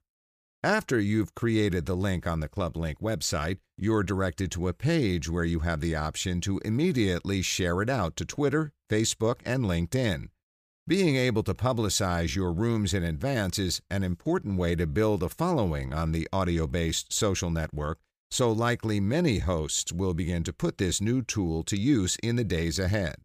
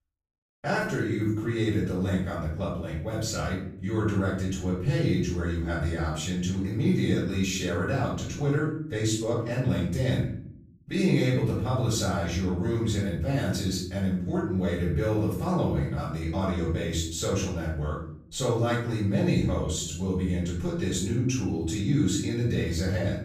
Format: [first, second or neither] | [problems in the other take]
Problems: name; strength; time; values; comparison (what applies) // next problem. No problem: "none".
first | room echo; noticeable; dies away in 0.6 s // off-mic speech; far